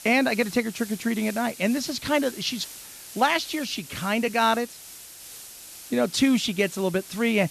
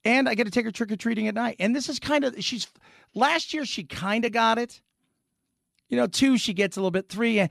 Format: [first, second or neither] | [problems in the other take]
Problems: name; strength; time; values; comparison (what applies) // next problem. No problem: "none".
second | hiss; noticeable; throughout; 15 dB below the speech